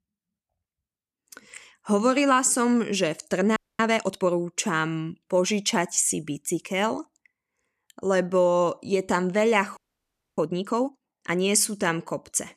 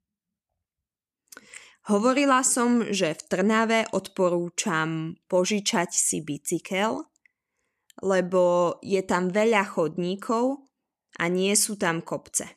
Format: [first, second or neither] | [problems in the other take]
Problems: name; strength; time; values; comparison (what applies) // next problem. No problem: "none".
second | audio freezing; at 3.5 s and at 10 s for 0.5 s